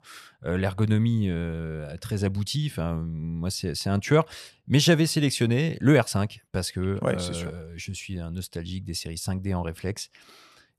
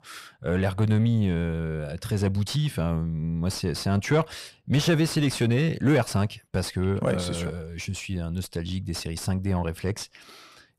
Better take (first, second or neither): first